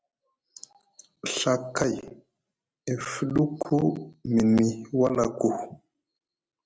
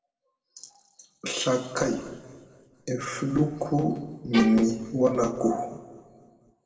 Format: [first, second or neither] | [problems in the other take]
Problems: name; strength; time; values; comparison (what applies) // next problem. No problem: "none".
first | background sound (Bowed string instrument); 10 dB below the speech // room echo; dies away in 1.5 s